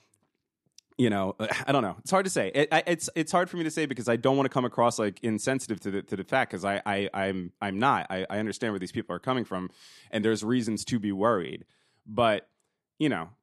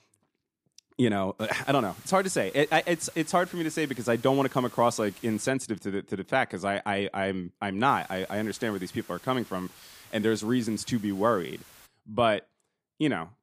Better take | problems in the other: first | hiss; faint; from 1.5 to 5.5 s and from 8 to 12 s; 20 dB below the speech

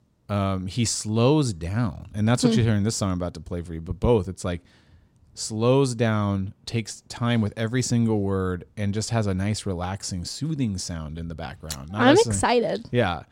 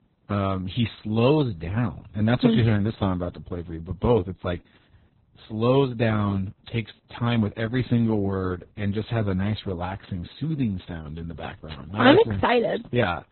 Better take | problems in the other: first | garbled, watery; badly; nothing above 4 kHz

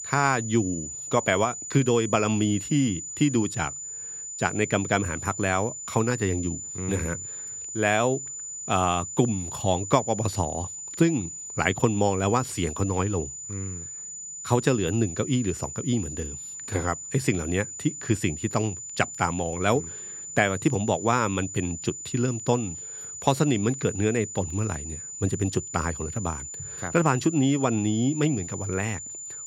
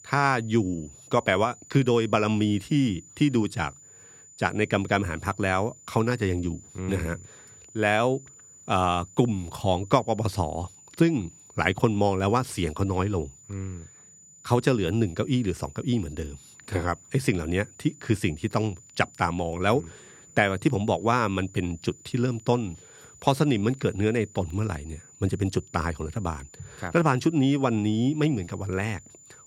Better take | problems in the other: second | high-pitched whine; loud; throughout; 7 kHz, 8 dB below the speech; faint in the second

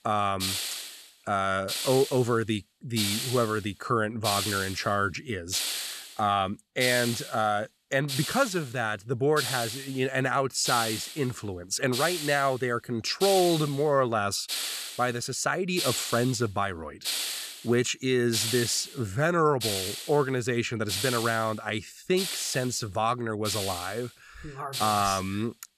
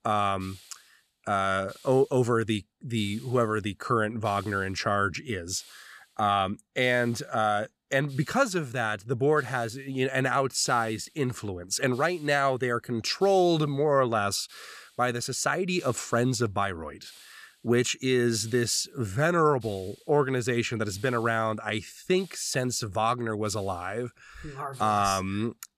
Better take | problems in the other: second | hiss; loud; throughout; 4 dB below the speech; faint in the second

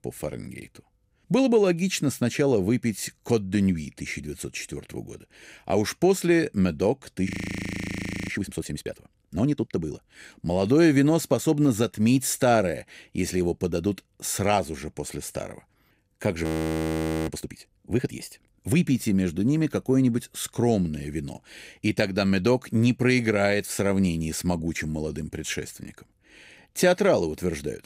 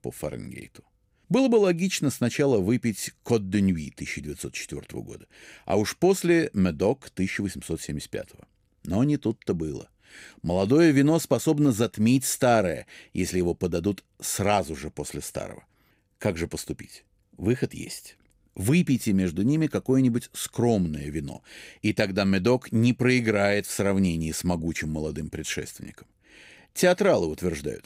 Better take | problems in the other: second | audio freezing; at 7.5 s for 1 s and at 16 s for 1 s

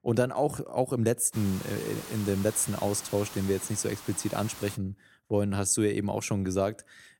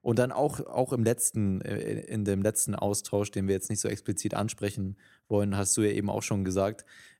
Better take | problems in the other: second | hiss; noticeable; from 1.5 to 5 s; 15 dB below the speech

